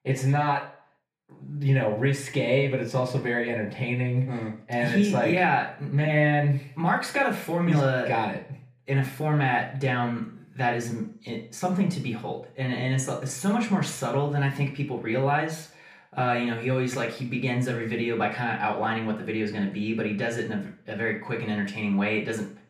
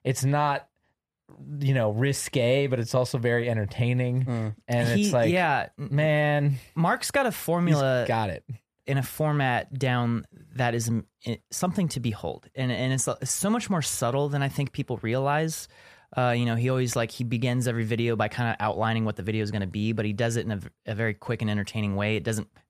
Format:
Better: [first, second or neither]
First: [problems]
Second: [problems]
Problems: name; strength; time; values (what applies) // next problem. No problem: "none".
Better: second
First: room echo; slight; dies away in 0.4 s // off-mic speech; far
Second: none